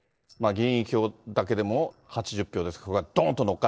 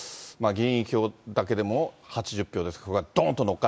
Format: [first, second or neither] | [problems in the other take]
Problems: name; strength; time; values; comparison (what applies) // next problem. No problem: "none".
second | noise reduction (neural separator model SepFormer DNS4)